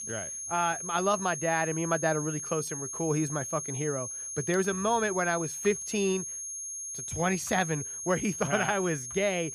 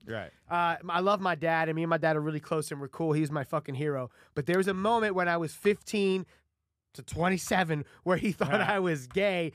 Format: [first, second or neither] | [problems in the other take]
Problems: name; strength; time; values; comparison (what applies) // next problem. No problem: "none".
second | high-pitched whine; loud; throughout; 6.5 kHz, 5 dB below the speech